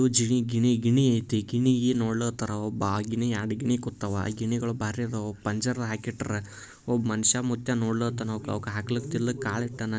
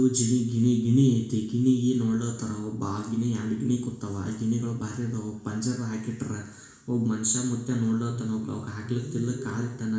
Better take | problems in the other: first | room echo; dies away in 0.7 s

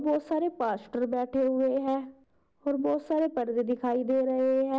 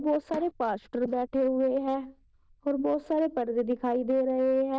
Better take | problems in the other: first | noise reduction (neural diffusion model UNIVERSE++)

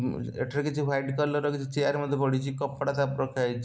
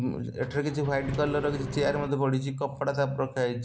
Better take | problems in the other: first | background sound (Engine); 10 dB below the speech

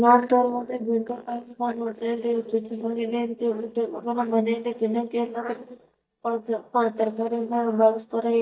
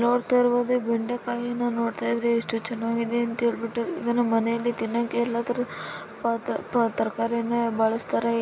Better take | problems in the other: second | noise reduction (neural mask model DeepFilterNet 3)

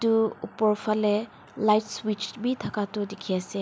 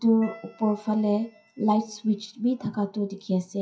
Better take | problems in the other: first | noise reduction (classical method WPE with log-MMSE)

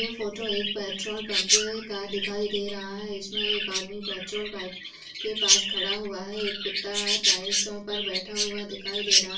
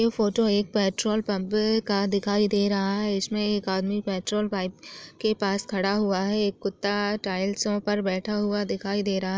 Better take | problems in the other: second | background sound (Chirp, tweet); 5 dB above the speech // room echo; dies away in 0.3 s

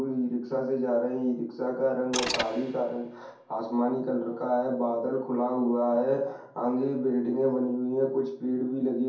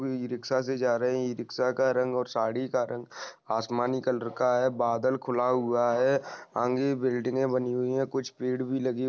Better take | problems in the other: second | background sound (Mechanisms); 9 dB below the speech // room echo; dies away in 0.6 s

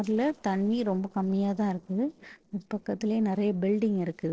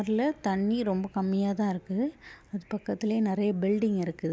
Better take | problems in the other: second | noise reduction (neural separator model SepFormer DNS4)

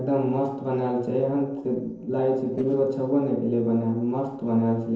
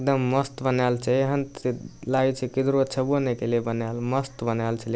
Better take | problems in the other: second | noise reduction (neural separator model SepFormer DNS4)

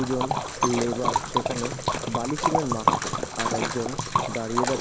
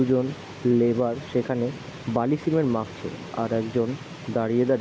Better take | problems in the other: second | background sound (Liquid); 3 dB above the speech

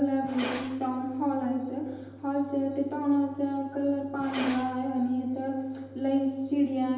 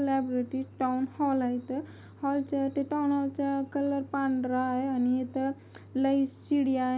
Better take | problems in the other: second | background sound (Glass); 16 dB below the speech // room echo; dies away in 1 s

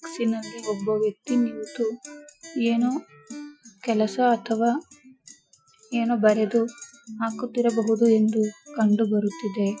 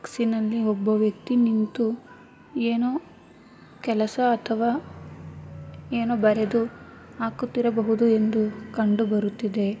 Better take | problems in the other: second | noise reduction (classical method Wiener filter)

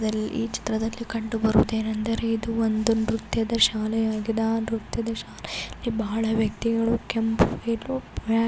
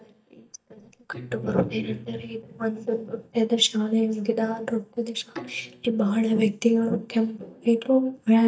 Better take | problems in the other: first | noise reduction (neural mask model DeepFilterNet 3)

